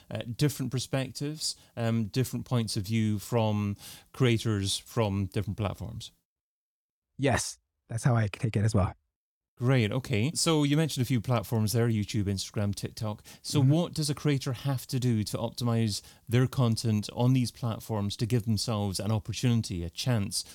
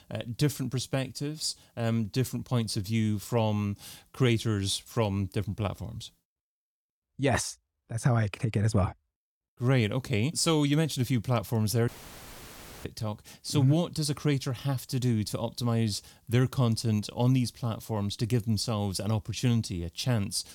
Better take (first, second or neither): first